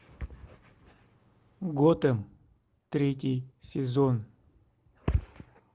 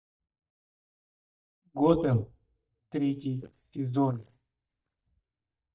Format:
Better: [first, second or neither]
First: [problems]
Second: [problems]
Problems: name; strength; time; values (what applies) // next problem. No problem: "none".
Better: first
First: none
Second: noise reduction (neural mask model DeepFilterNet 3)